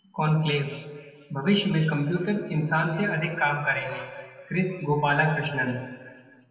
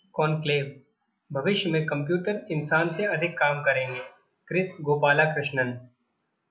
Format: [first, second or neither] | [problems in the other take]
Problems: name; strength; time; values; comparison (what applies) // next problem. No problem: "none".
second | room echo; dies away in 1.8 s